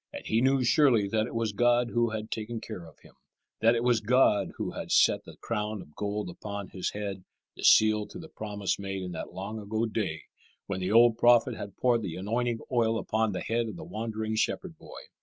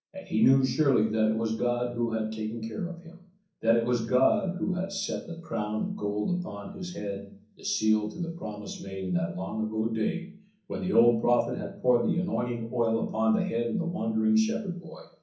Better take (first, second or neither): first